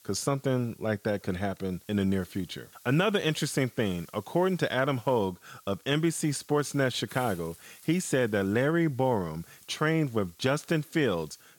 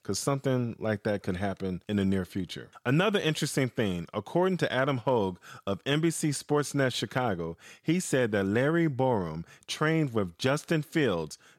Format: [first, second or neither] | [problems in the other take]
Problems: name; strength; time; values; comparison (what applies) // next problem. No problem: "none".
second | hiss; faint; throughout; 25 dB below the speech